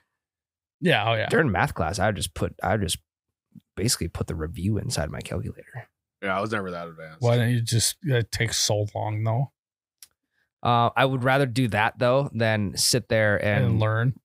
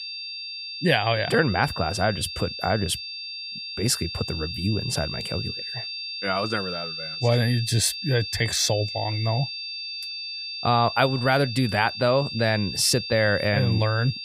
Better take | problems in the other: first | high-pitched whine; loud; throughout; 4.5 kHz, 7 dB below the speech

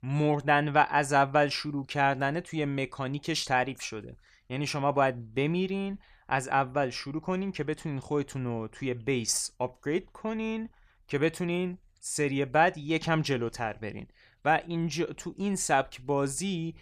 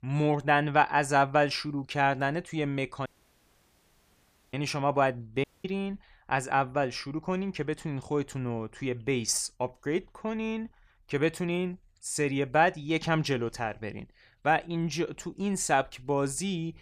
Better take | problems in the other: first | audio cutting out; at 3 s for 1.5 s and at 5.5 s

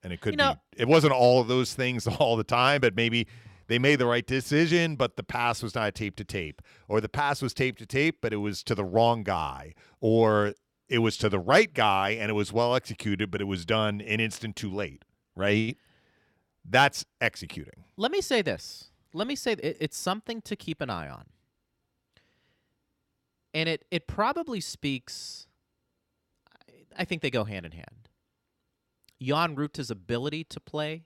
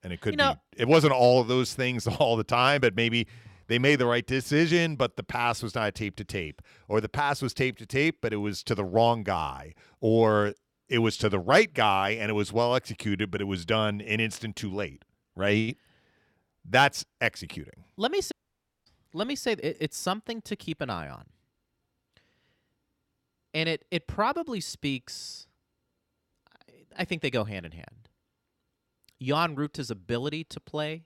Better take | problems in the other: first | audio cutting out; at 18 s for 0.5 s

